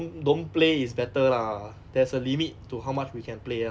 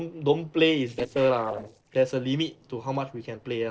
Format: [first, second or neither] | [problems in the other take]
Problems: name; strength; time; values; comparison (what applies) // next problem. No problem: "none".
first | noise reduction (neural separator model SepFormer DNS4)